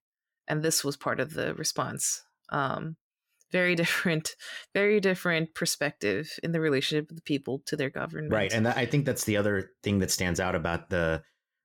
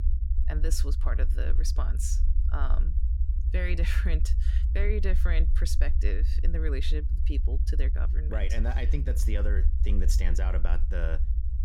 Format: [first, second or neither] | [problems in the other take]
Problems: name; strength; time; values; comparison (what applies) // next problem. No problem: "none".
first | low rumble; loud; throughout; 10 dB below the speech